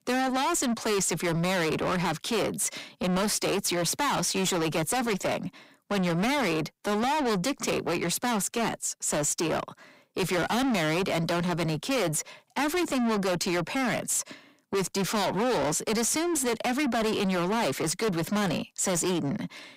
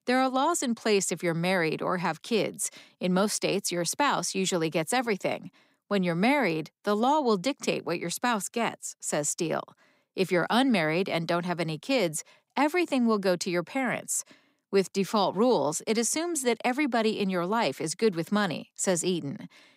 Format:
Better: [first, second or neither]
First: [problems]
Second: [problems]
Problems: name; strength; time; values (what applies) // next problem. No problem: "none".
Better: second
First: distortion; heavy; 6 dB below the speech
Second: none